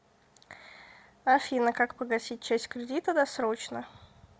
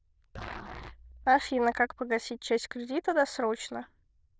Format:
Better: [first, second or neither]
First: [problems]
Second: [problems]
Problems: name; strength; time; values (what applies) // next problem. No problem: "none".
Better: first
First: none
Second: noise reduction (neural diffusion model UNIVERSE++)